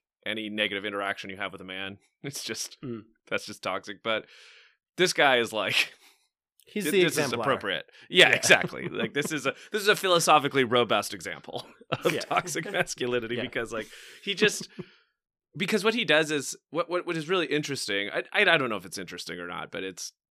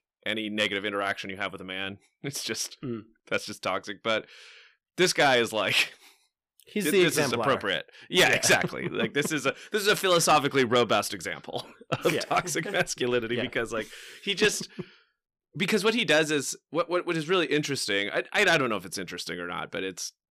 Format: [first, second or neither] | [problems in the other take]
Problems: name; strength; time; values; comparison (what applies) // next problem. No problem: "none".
first | distortion; slight; 10 dB below the speech